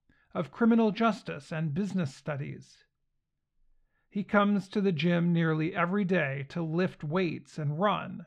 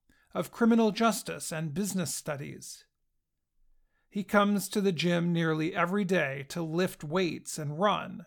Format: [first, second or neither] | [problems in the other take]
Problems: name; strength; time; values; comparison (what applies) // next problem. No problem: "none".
second | muffled; slightly; fading above 2.5 kHz